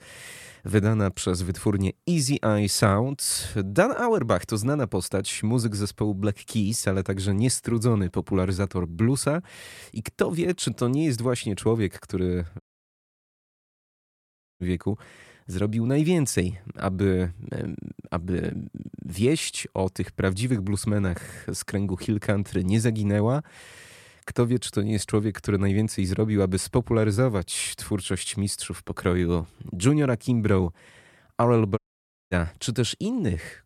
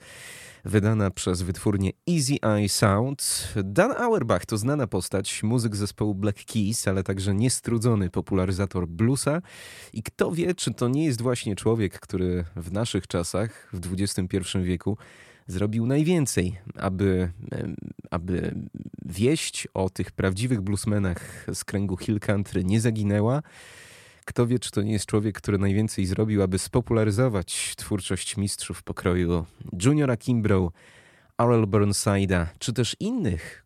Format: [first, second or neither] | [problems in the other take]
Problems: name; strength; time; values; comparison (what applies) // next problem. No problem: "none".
second | audio cutting out; at 13 s for 2 s and at 32 s for 0.5 s